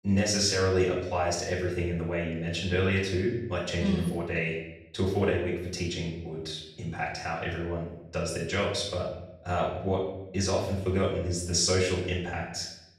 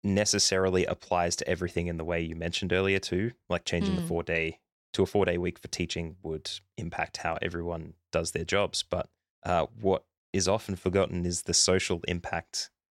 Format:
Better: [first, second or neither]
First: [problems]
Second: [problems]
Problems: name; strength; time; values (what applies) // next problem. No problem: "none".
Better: second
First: off-mic speech; far // room echo; noticeable; dies away in 0.8 s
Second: none